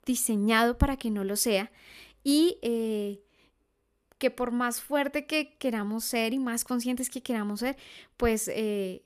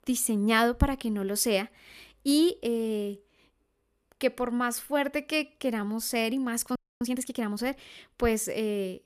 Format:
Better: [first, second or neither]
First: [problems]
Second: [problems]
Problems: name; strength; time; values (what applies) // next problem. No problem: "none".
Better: first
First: none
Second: audio freezing; at 7 s